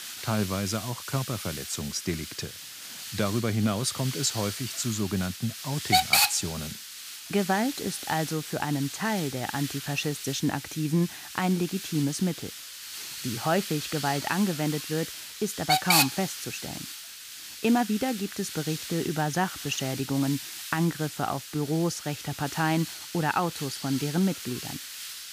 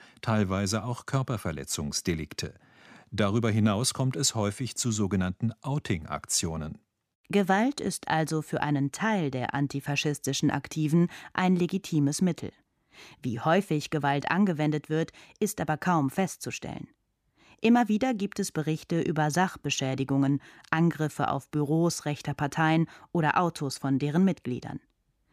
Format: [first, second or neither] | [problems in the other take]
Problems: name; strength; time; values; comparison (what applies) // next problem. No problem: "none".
second | hiss; loud; throughout; 3 dB below the speech